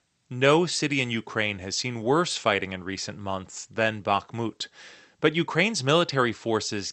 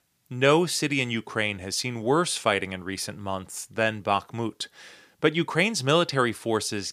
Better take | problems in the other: second | garbled, watery; slightly; nothing above 8.5 kHz

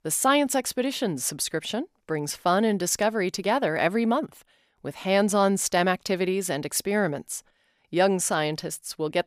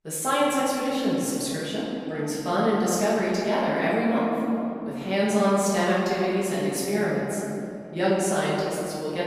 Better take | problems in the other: first | off-mic speech; far // room echo; strong; dies away in 2.8 s

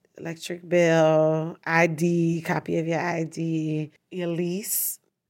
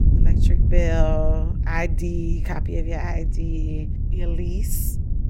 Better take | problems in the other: first | wind noise on the microphone; heavy; 9 dB below the speech

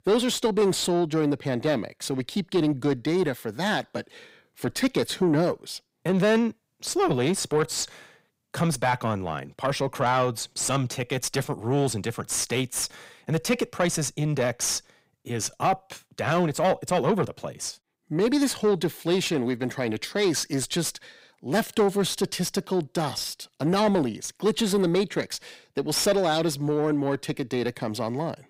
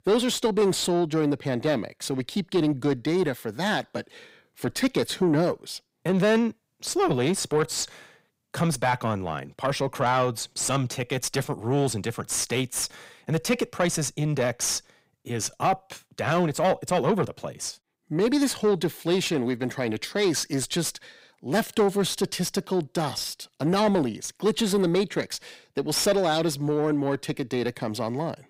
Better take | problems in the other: neither | distortion; slight; 10 dB below the speech; the same in both

